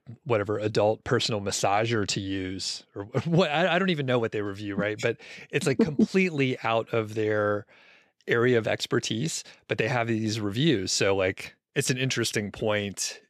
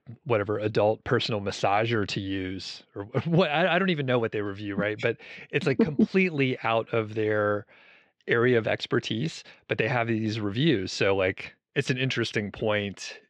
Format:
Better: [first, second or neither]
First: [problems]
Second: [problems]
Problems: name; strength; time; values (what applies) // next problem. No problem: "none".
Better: first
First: none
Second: muffled; slightly; fading above 3 kHz